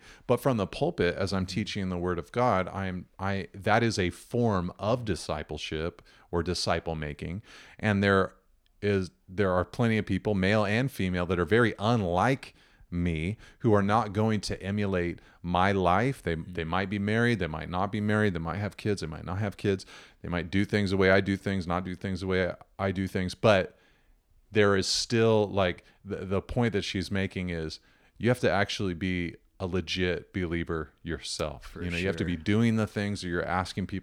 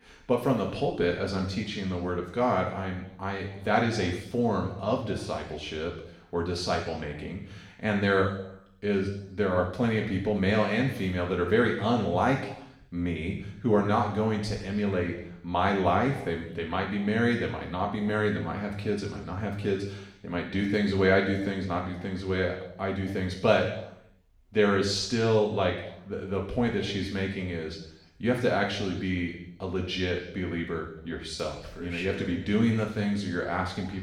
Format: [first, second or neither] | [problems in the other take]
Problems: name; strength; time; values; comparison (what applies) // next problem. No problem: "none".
first | room echo; noticeable; dies away in 0.8 s // off-mic speech; far